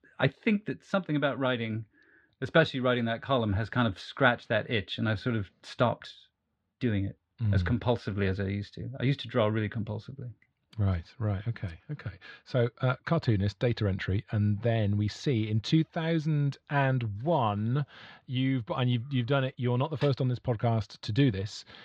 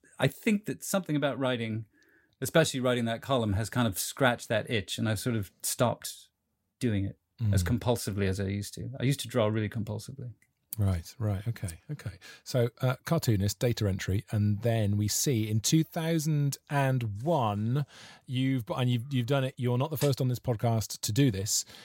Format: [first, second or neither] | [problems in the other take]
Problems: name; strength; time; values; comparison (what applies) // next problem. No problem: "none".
second | muffled; slightly; fading above 3.5 kHz